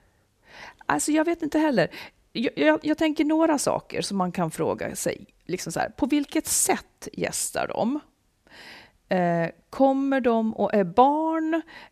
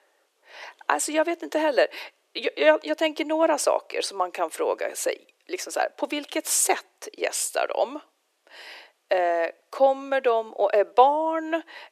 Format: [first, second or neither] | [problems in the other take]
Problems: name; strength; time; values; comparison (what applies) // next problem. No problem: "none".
first | thin; very; fading below 350 Hz